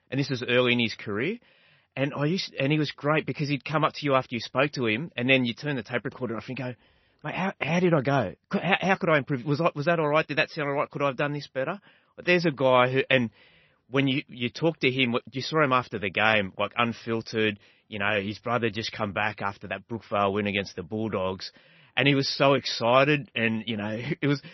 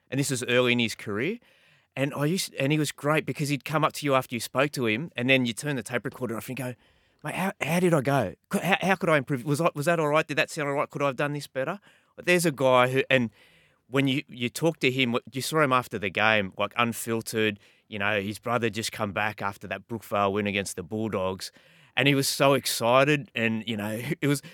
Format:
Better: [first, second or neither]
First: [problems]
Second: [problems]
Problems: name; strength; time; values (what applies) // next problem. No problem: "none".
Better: second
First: garbled, watery; slightly; nothing above 6 kHz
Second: none